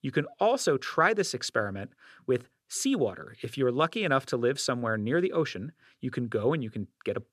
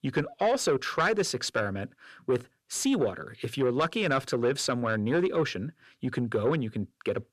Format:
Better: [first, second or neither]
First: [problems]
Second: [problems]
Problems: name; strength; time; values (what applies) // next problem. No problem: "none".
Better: first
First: none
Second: distortion; slight; 10 dB below the speech